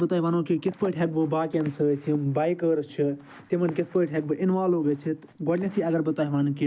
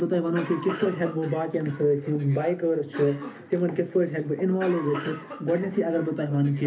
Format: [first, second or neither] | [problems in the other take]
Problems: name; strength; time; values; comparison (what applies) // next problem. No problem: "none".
first | background sound (Cough); 14 dB below the speech // room echo; dies away in 0.3 s